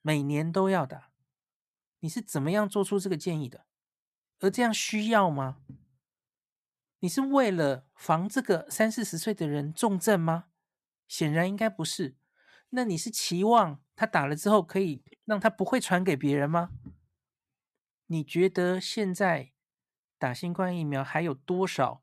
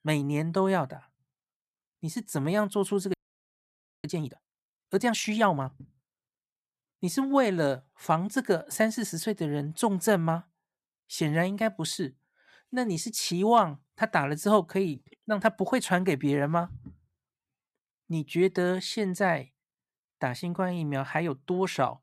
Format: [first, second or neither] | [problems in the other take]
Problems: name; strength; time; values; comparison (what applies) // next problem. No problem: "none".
first | audio freezing; at 3 s for 1 s